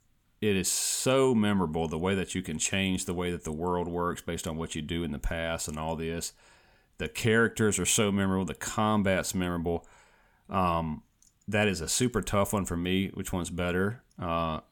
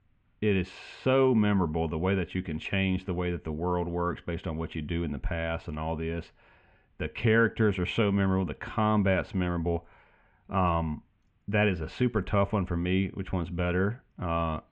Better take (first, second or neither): first